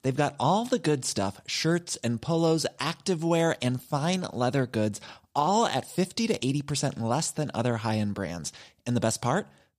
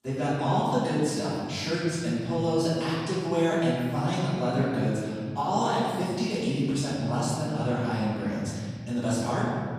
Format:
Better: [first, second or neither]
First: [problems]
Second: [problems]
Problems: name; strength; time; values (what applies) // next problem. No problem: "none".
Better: first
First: none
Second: off-mic speech; far // room echo; strong; dies away in 2.2 s